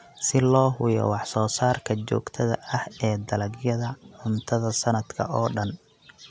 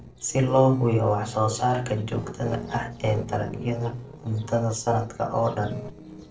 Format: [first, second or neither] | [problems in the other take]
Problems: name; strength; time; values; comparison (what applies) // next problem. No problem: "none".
first | noise reduction (neural separator model SepFormer DNS4)